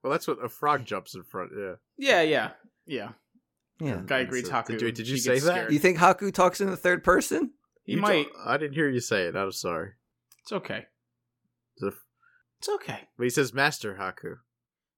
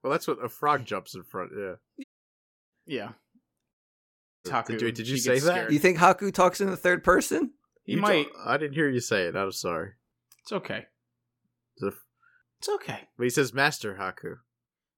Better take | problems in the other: first | audio cutting out; at 2 s for 0.5 s and at 3.5 s for 0.5 s

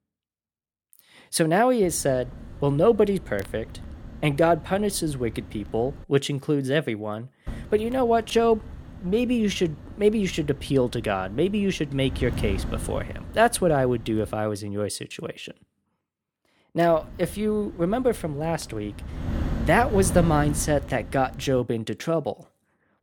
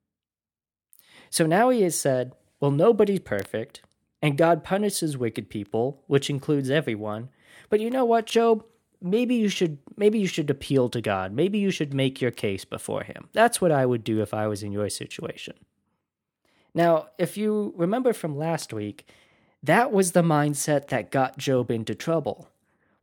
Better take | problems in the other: second | wind noise on the microphone; occasional gusts; from 2 to 6 s, from 7.5 to 14 s and from 17 to 22 s; 20 dB below the speech

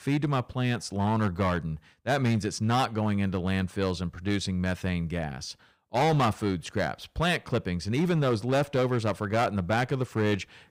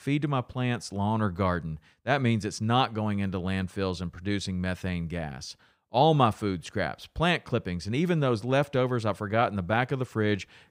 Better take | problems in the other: second | distortion; slight; 7% of the sound clipped

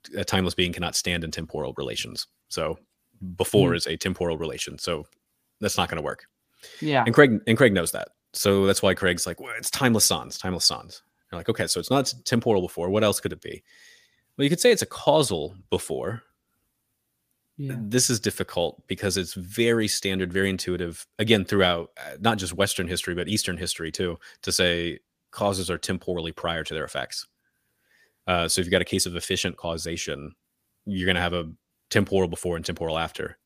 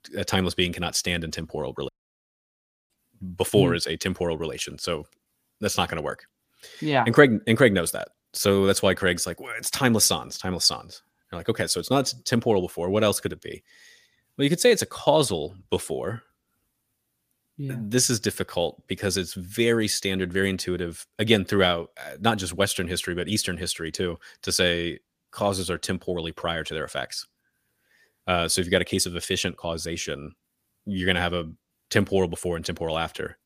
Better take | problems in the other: first | audio cutting out; at 2 s for 1 s

